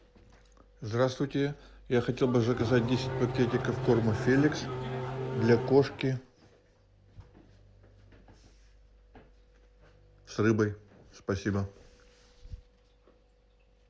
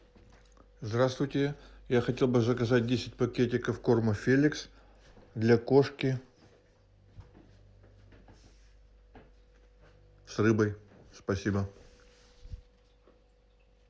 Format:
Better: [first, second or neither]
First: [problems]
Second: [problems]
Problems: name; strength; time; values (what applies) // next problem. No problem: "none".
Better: second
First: background sound (Race car, auto racing / Engine starting); 3 dB below the speech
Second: none